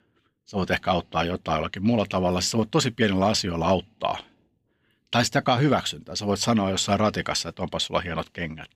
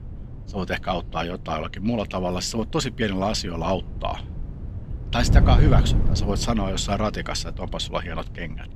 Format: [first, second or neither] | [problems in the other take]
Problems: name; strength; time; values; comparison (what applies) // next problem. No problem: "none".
first | wind noise on the microphone; occasional gusts; 10 dB below the speech